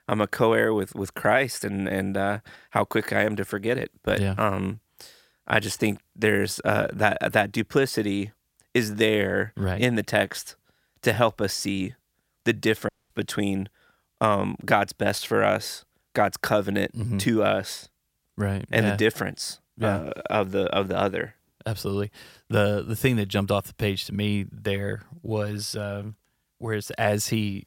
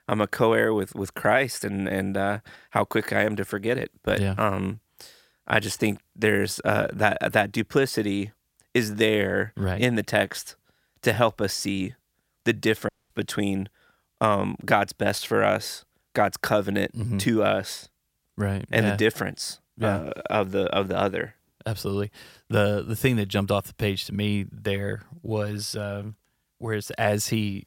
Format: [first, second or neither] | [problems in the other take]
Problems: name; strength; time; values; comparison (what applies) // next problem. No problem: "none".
neither | audio cutting out; at 13 s; the same in both